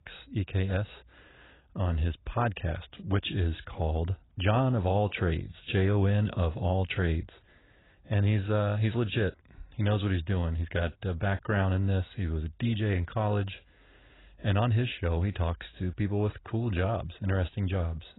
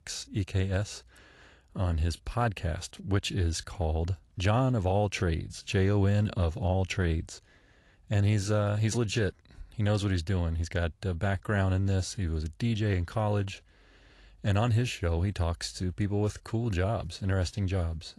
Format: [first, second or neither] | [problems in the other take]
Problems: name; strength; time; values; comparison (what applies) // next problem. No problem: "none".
second | garbled, watery; badly; nothing above 4 kHz; slightly in the second